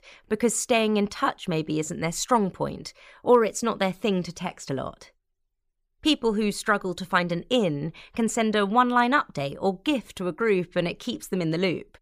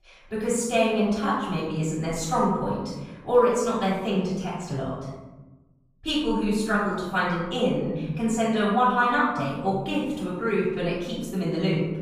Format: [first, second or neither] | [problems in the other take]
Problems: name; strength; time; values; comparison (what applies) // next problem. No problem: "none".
first | off-mic speech; far // room echo; noticeable; dies away in 1.3 s